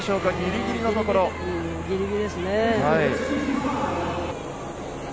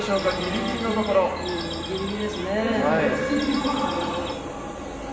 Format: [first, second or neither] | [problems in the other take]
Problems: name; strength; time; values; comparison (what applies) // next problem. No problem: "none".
first | background sound (Bird vocalization, bird call, bird song); 14 dB below the speech // room echo; dies away in 1.3 s